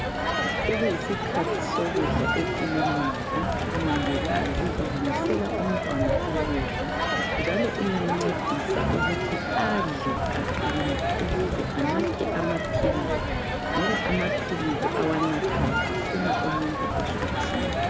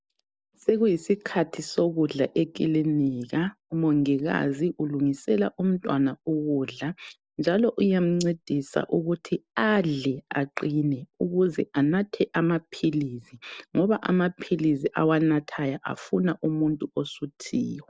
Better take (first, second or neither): second